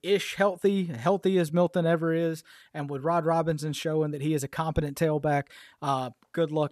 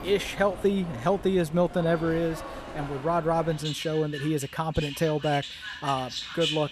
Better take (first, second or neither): first